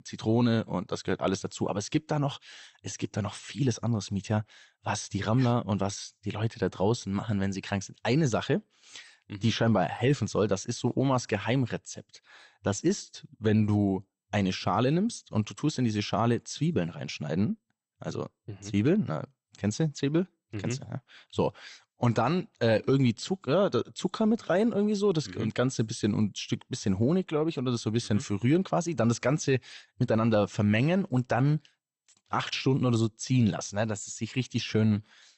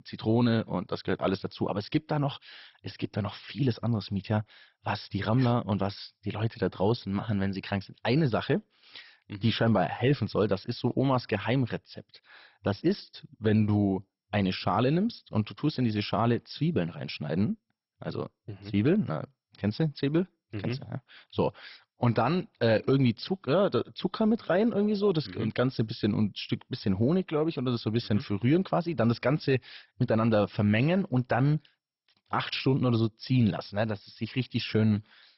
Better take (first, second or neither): first